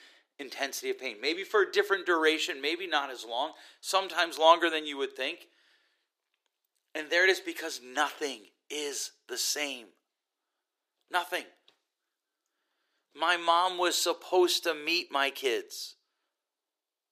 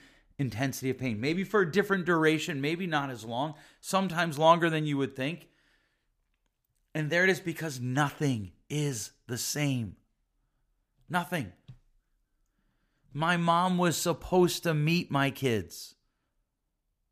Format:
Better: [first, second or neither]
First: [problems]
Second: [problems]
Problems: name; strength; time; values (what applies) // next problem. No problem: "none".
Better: second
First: thin; very; fading below 350 Hz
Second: none